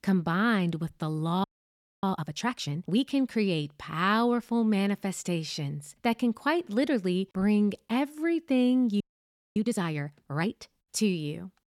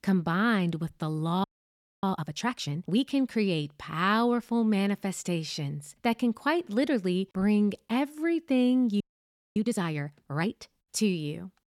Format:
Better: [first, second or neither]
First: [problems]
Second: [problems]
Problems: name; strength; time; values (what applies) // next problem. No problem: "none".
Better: neither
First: audio freezing; at 1.5 s for 0.5 s and at 9 s for 0.5 s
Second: audio freezing; at 1.5 s for 0.5 s and at 9 s for 0.5 s